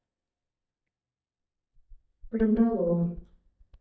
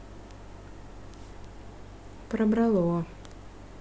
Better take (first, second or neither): second